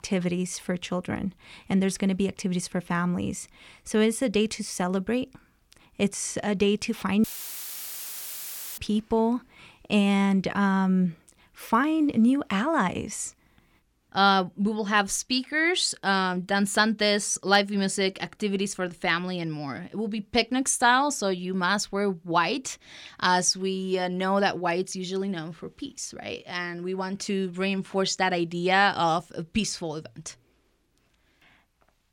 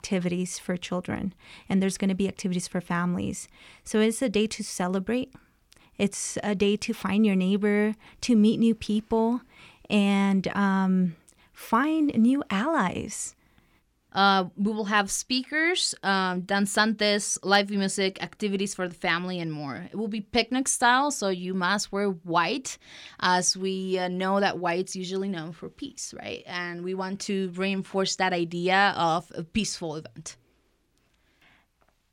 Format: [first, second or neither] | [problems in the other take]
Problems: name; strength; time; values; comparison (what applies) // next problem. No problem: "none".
second | audio cutting out; filled with static; at 7 s for 1.5 s